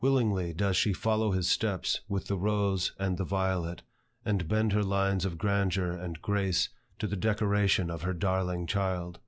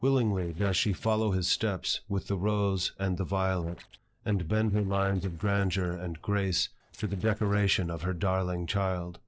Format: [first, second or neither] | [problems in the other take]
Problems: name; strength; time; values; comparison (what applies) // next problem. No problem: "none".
first | noise reduction (neural separator model SepFormer DNS4)